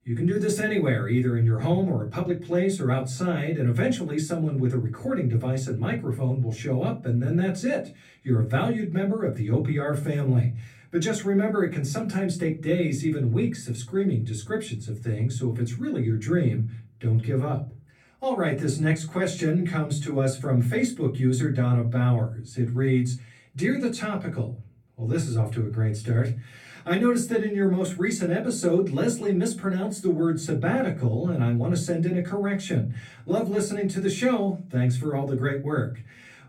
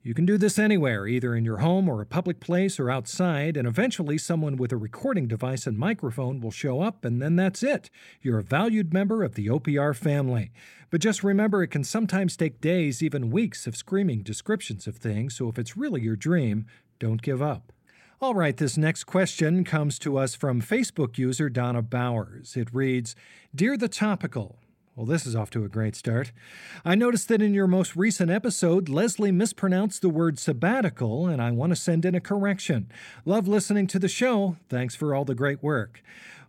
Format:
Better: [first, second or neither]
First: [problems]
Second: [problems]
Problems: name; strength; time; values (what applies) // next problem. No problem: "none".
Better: second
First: off-mic speech; far // room echo; very slight; dies away in 0.3 s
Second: none